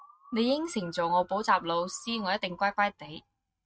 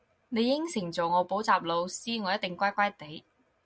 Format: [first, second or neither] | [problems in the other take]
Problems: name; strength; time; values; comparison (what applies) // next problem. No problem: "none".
second | noise reduction (neural mask model RNNoise)